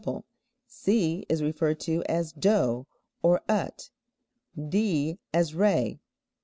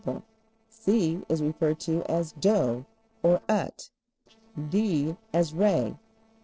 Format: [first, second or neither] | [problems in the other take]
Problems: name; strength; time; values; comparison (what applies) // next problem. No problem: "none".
first | noise reduction (neural separator model SepFormer DNS4)